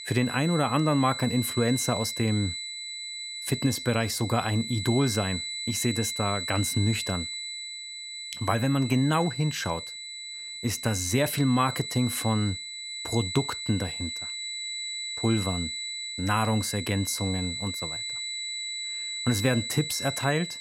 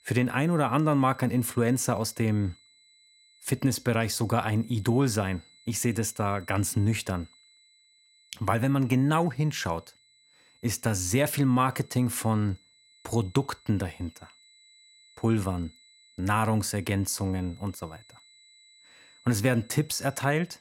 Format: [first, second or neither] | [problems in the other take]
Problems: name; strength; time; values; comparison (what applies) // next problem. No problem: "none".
second | high-pitched whine; loud; throughout; 4 kHz, 5 dB below the speech; faint in the second